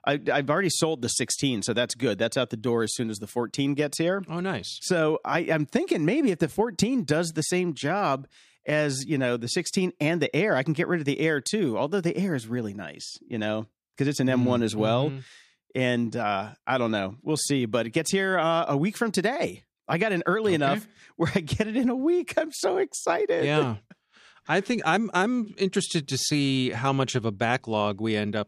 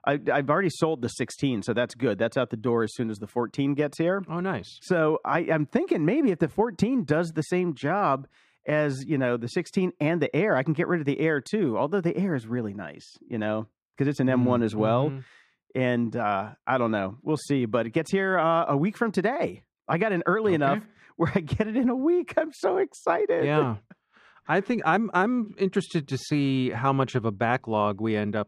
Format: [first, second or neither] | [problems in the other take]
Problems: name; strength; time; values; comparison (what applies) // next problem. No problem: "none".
first | muffled; slightly; fading above 3 kHz